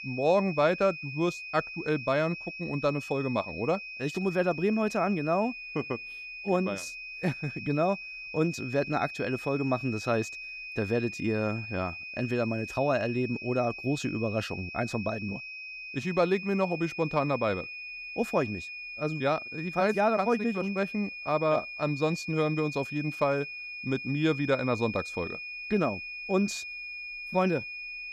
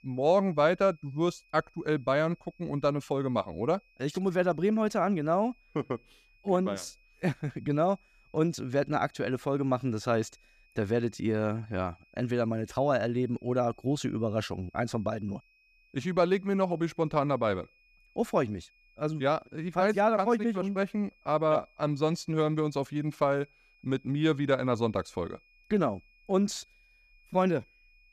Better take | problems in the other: second | high-pitched whine; loud; throughout; 2.5 kHz, 8 dB below the speech; faint in the second

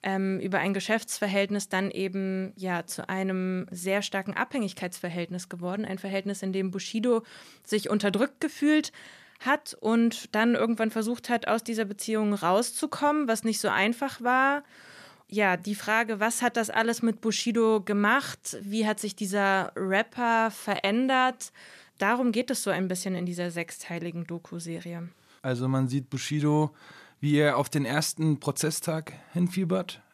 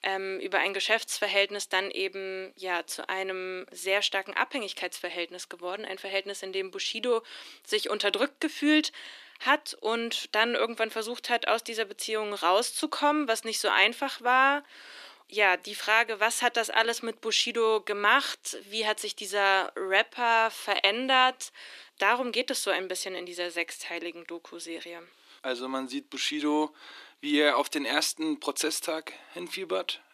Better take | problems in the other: first | thin; somewhat; fading below 300 Hz

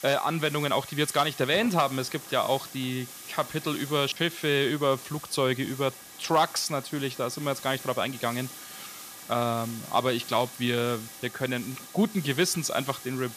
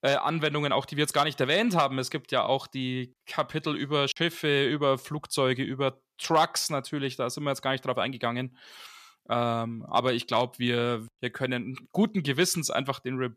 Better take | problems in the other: second | hiss; noticeable; throughout; 15 dB below the speech

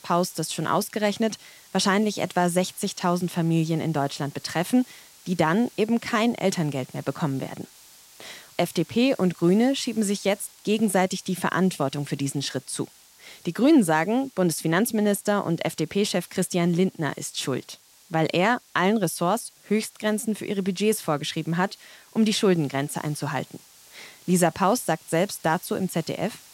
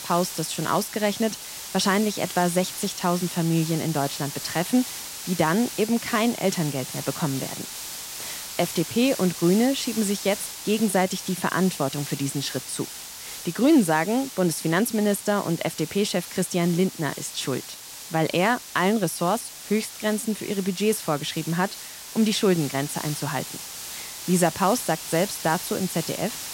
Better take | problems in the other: first | hiss; loud; throughout; 9 dB below the speech; faint in the first

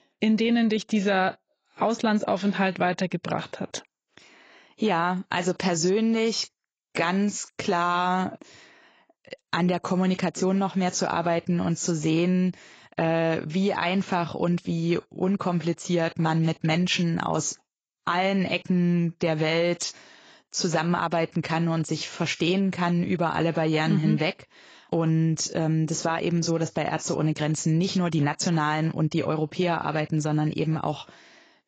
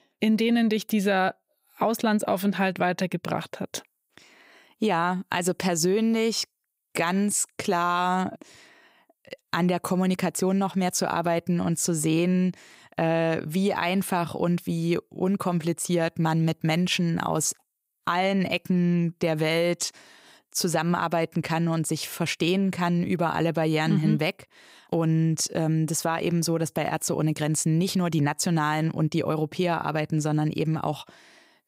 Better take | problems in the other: second | garbled, watery; badly; nothing above 7.5 kHz

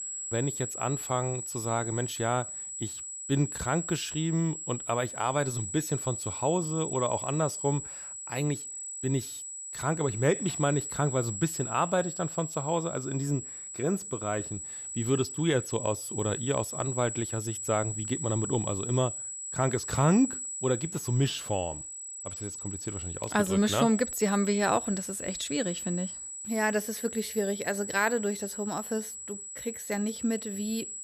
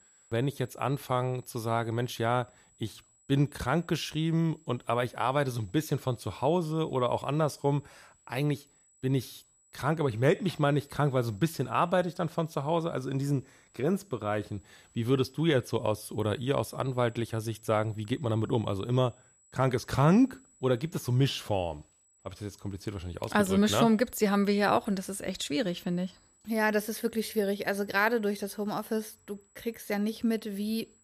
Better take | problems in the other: second | high-pitched whine; loud; throughout; 8 kHz, 5 dB below the speech; faint in the second

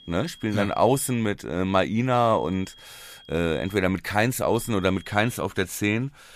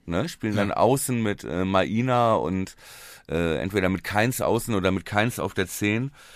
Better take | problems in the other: second | high-pitched whine; faint; until 1 s, from 2 to 4 s and at 4.5 s; 3.5 kHz, 25 dB below the speech

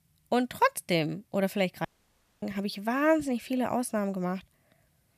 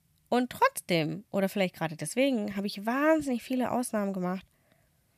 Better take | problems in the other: second | audio cutting out; at 2 s for 0.5 s

